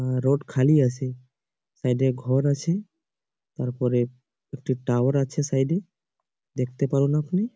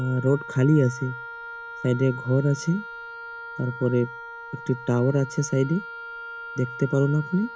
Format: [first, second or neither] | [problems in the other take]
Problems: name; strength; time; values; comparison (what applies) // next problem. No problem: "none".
first | background sound (Wind instrument, woodwind instrument); 13 dB below the speech